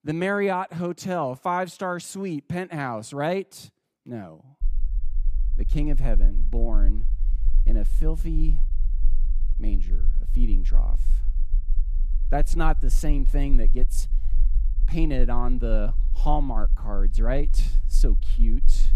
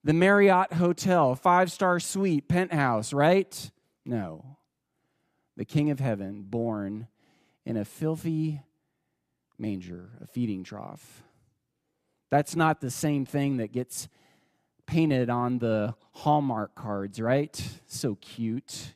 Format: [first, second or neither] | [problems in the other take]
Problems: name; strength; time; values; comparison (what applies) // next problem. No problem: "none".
second | low rumble; faint; from 4.5 s on; 25 dB below the speech